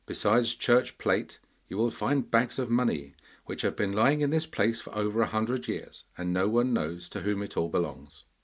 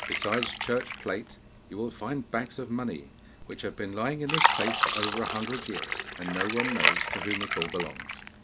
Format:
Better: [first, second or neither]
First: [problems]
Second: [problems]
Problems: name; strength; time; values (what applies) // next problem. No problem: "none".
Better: first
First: none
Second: background sound (Fill (with liquid)); 2 dB above the speech